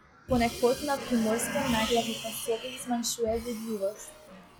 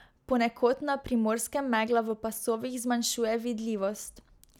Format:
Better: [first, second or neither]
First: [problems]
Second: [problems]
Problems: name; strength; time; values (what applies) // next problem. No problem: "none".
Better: second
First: noise reduction (classical method log-MMSE)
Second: none